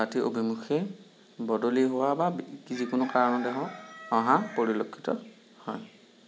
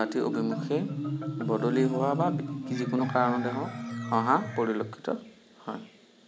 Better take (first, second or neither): first